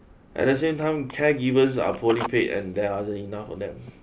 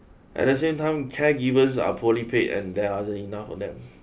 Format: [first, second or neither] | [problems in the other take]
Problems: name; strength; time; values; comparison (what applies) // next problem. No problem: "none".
second | background sound (Telephone); 18 dB below the speech